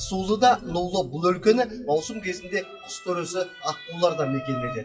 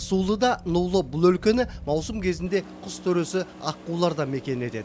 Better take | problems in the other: second | noise reduction (classical method WPE with log-MMSE)

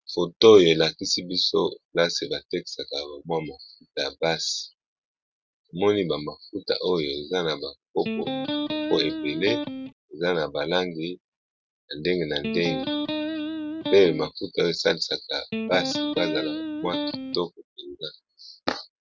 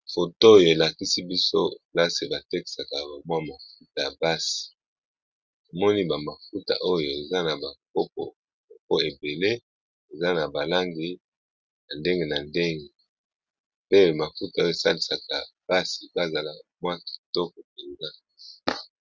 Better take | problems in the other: second | background sound (Electric guitar); 3 dB below the speech

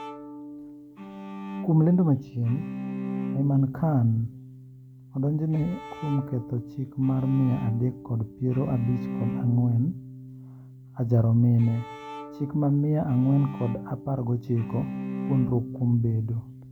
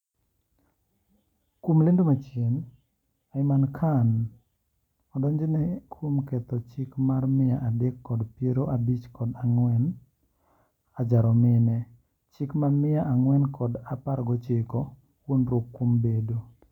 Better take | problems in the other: second | background sound (Bowed string instrument); 11 dB below the speech

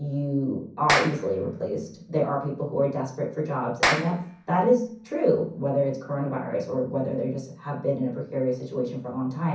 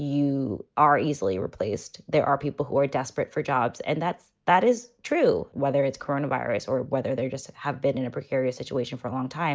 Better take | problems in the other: second | background sound (Clapping); 4 dB below the speech // room echo; dies away in 0.6 s

